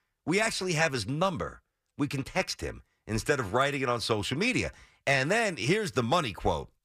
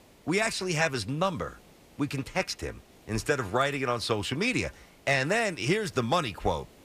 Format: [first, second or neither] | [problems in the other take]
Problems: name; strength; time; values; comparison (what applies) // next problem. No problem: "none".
first | hiss; faint; throughout; 25 dB below the speech